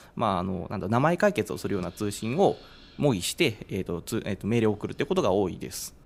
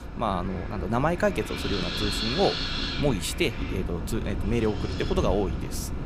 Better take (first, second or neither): first